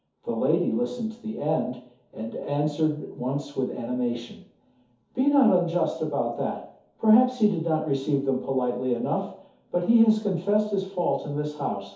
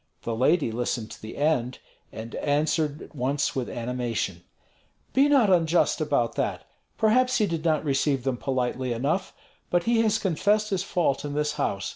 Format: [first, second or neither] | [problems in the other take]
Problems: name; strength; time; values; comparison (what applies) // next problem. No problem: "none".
second | room echo; dies away in 0.5 s